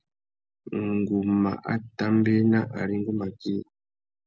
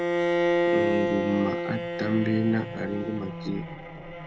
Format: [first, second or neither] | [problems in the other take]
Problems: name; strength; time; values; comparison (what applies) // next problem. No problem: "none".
first | background sound (Bowed string instrument); 2 dB above the speech